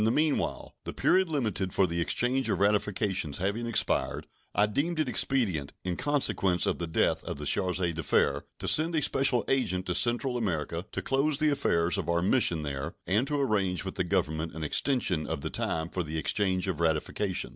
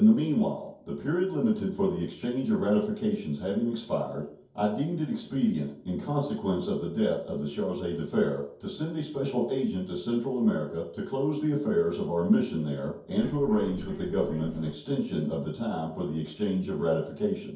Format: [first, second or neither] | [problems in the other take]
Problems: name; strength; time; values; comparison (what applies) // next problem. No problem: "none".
first | noise reduction (neural separator model SepFormer DNS4)